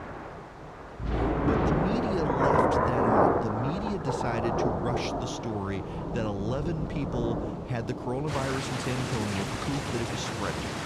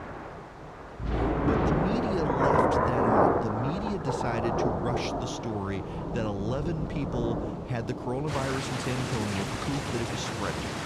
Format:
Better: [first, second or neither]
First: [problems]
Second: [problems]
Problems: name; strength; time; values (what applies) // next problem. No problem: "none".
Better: neither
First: rain or running water; very loud; throughout; 4 dB above the speech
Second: rain or running water; very loud; throughout; 4 dB above the speech